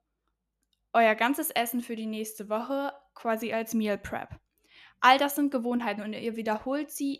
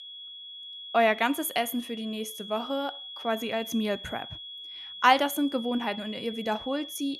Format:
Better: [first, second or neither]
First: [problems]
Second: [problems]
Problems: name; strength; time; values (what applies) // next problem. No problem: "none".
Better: first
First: none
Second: high-pitched whine; noticeable; throughout; 3.5 kHz, 10 dB below the speech